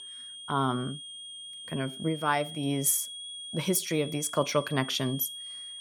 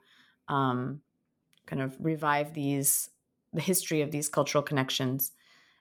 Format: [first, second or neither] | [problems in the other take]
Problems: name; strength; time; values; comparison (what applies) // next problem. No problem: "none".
second | high-pitched whine; noticeable; throughout; 3.5 kHz, 10 dB below the speech